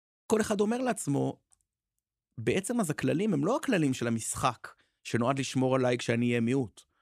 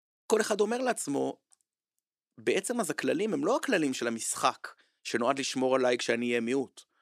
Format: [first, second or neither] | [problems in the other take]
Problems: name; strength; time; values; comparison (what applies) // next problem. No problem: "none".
first | thin; very slightly; fading below 350 Hz